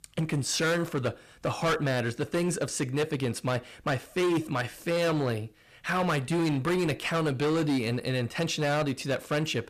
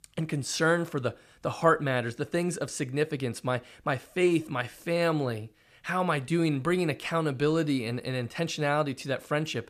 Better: second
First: distortion; heavy; 15% of the sound clipped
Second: none

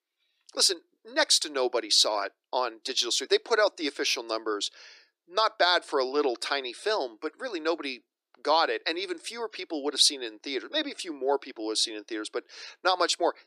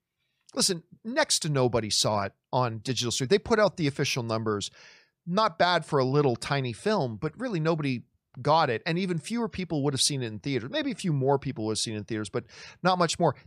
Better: second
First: thin; somewhat; fading below 300 Hz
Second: none

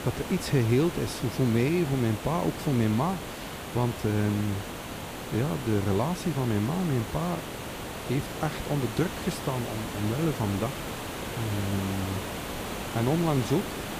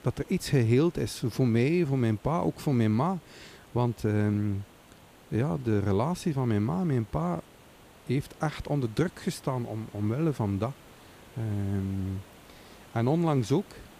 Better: second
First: hiss; loud; throughout; 7 dB below the speech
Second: hiss; faint; throughout; 25 dB below the speech

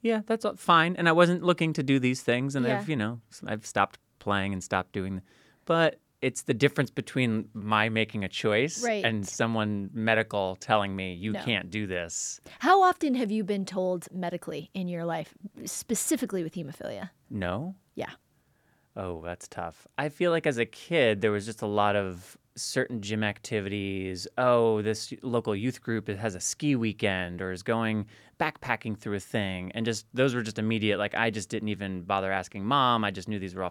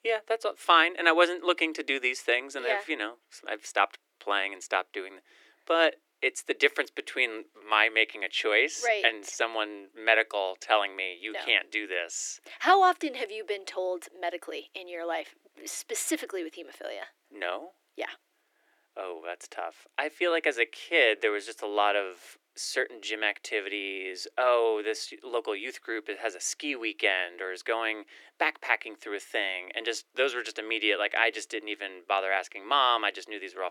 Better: first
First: none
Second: thin; very; fading below 300 Hz

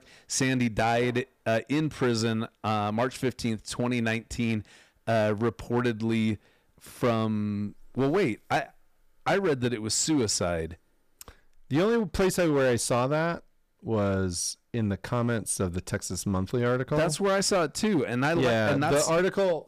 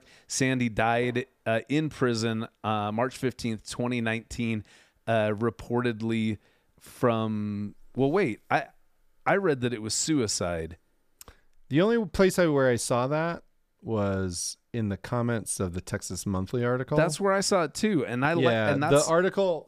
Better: second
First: distortion; slight; 8% of the sound clipped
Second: none

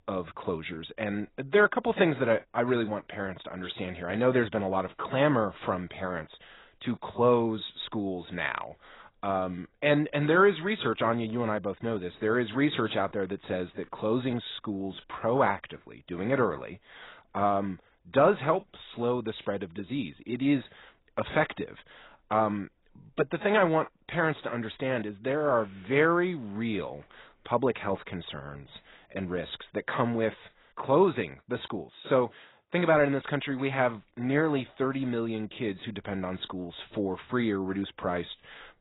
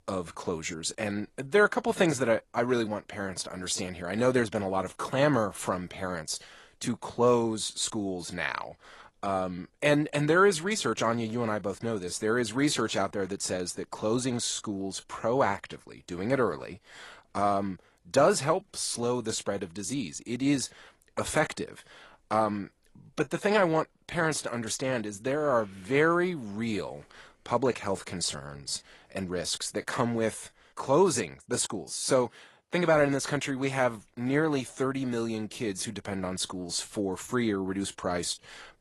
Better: second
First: garbled, watery; badly; nothing above 4 kHz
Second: garbled, watery; slightly; nothing above 11 kHz

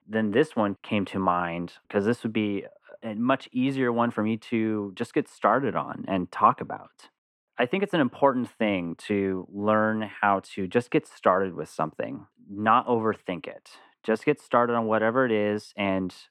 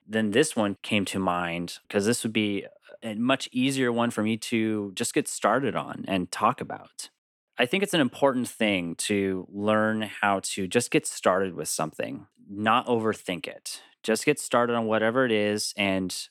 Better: second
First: muffled; very; fading above 3.5 kHz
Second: none

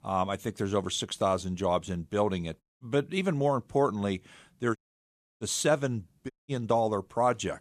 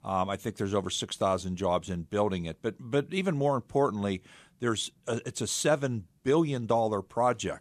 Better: second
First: audio cutting out; at 2.5 s, at 5 s for 0.5 s and at 6.5 s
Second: none

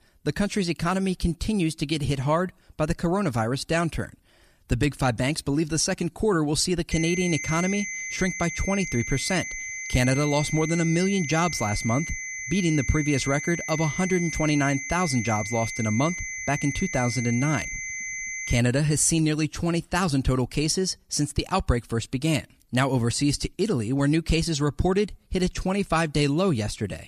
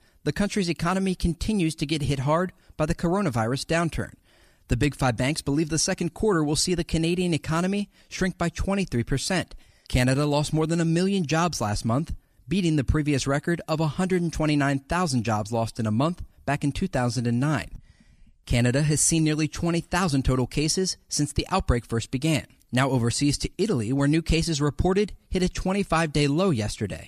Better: second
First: high-pitched whine; loud; from 7 to 19 s; 2 kHz, 6 dB below the speech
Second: none

